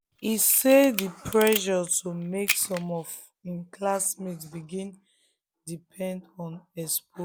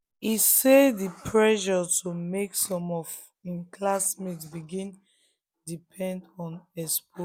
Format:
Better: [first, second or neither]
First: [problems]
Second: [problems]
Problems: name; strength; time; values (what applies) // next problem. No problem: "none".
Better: second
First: background sound (Camera); 8 dB below the speech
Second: none